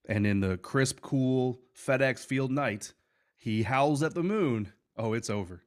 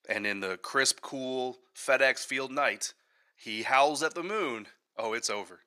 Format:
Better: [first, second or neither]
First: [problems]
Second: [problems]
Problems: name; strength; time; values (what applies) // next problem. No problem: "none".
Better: first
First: none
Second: thin; very; fading below 650 Hz